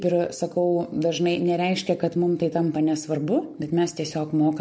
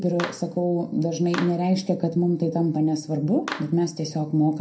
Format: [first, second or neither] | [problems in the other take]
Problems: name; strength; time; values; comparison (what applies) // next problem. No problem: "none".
first | background sound (Clapping); 15 dB below the speech // room echo; dies away in 0.2 s